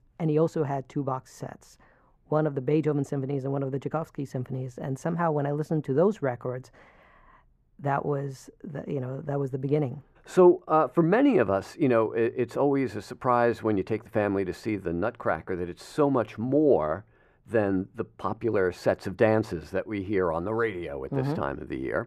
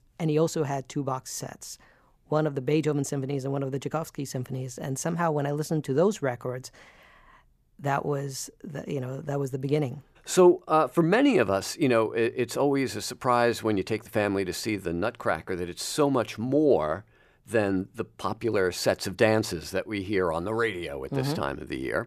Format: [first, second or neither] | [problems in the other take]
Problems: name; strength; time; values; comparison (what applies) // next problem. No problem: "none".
second | muffled; slightly; fading above 2.5 kHz